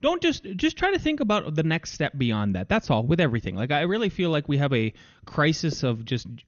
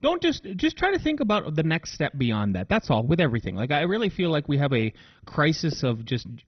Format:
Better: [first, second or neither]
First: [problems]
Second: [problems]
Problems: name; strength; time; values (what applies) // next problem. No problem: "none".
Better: first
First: garbled, watery; slightly; nothing above 6.5 kHz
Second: garbled, watery; badly; nothing above 6 kHz